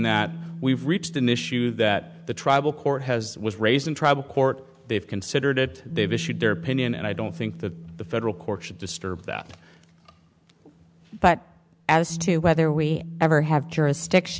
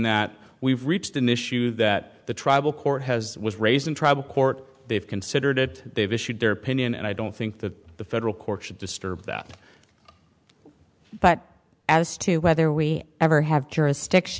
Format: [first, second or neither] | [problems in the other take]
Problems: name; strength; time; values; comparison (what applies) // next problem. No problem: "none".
second | background sound (Bass guitar); 14 dB below the speech